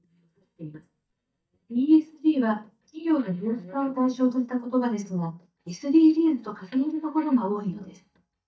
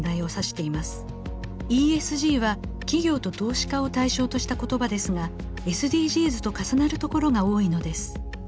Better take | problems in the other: second | noise reduction (neural mask model DeepFilterNet 3)

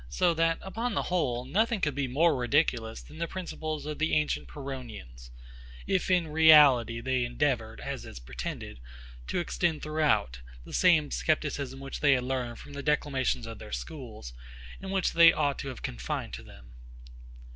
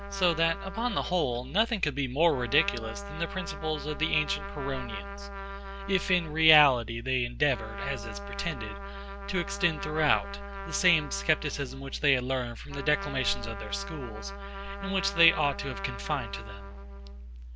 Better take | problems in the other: first | background sound (Trumpet); 12 dB below the speech

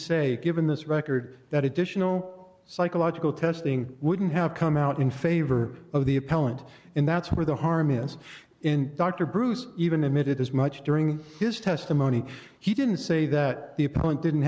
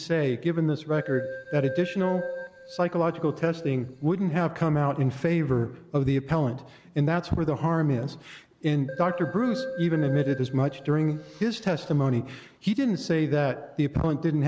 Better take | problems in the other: first | background sound (Keyboard (musical)); 11 dB below the speech

